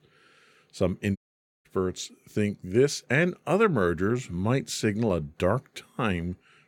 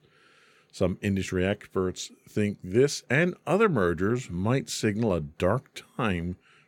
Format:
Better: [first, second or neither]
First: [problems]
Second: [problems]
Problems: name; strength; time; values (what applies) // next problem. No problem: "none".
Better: second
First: audio cutting out; at 1 s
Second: none